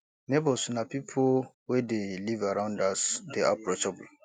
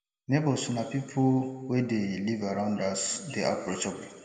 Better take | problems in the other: first | room echo; dies away in 1.7 s

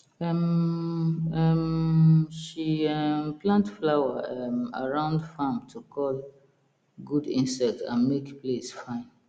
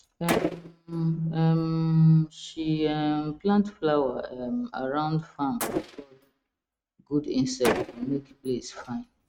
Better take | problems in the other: first | noise reduction (neural mask model RNNoise)

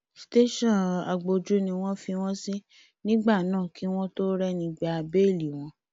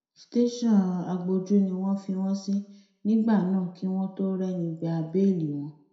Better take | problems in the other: first | room echo; dies away in 0.5 s

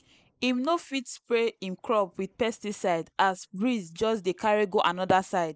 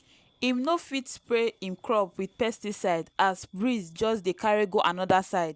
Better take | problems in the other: second | noise reduction (neural mask model Resemble Enhance denoiser)

